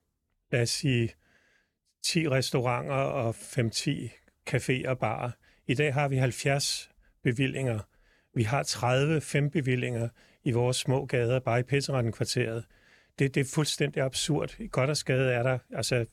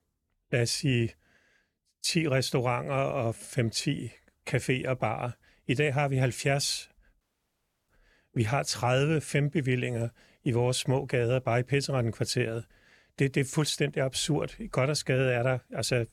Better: first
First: none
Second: audio cutting out; at 7 s for 0.5 s

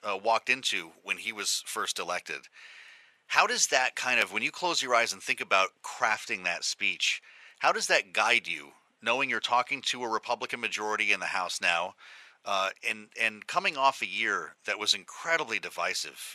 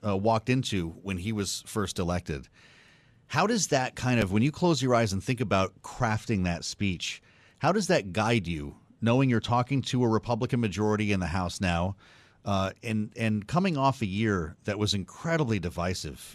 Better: second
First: thin; very; fading below 800 Hz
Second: none

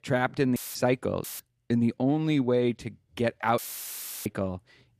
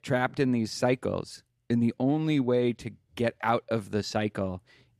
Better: second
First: audio cutting out; filled with static; at 0.5 s, at 1 s and at 3.5 s for 0.5 s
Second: none

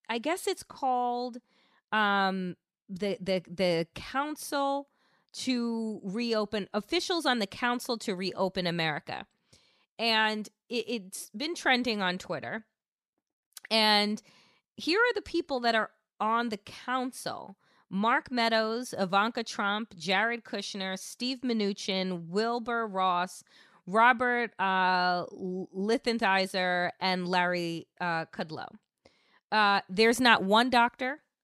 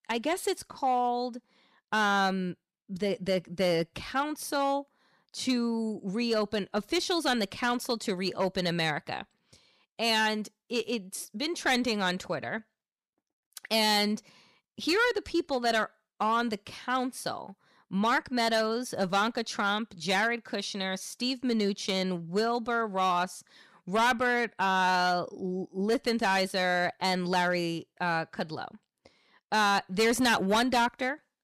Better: first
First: none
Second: distortion; slight; 5% of the sound clipped

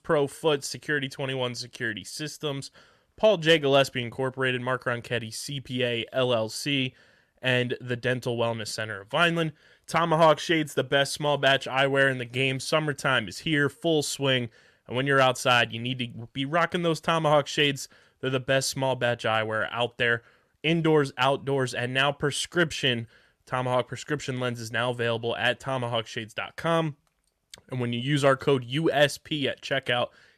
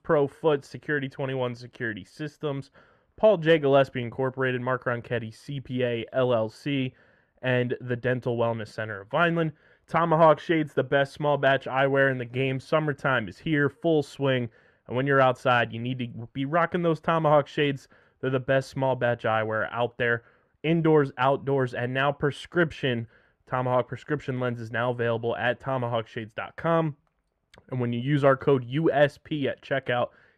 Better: first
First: none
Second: muffled; very; fading above 3 kHz

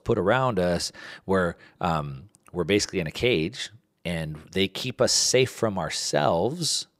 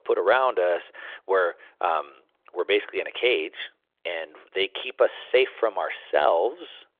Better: first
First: none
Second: phone-call audio; nothing above 3.5 kHz

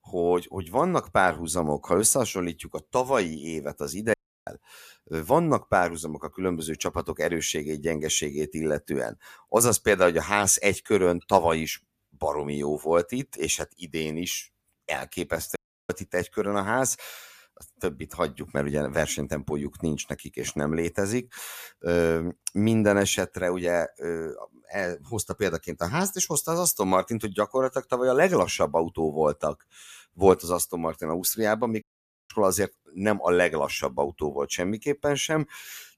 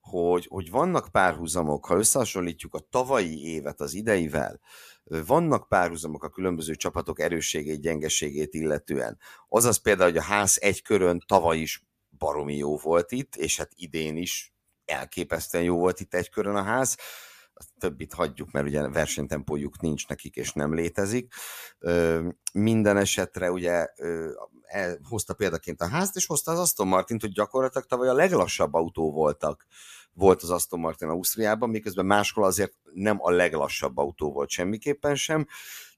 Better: second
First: audio cutting out; at 4 s, at 16 s and at 32 s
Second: none

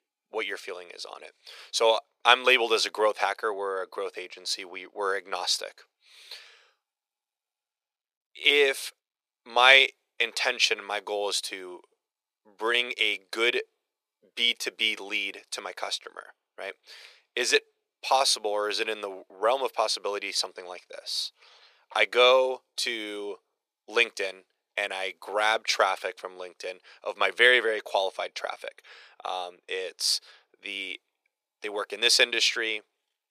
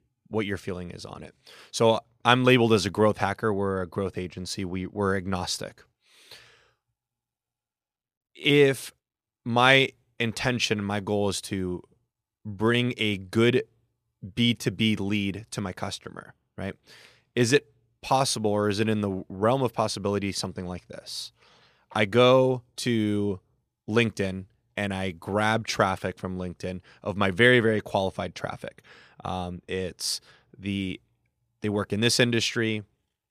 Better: second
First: thin; very; fading below 450 Hz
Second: none

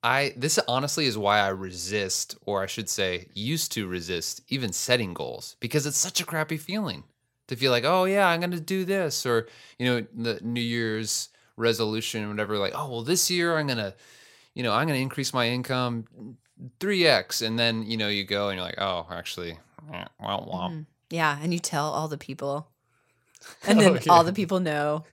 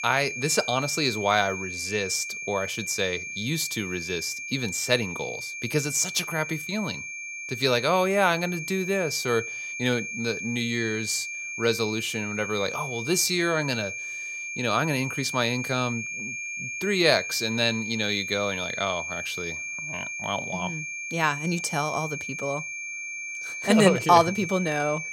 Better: first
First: none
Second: high-pitched whine; loud; throughout; 2.5 kHz, 6 dB below the speech

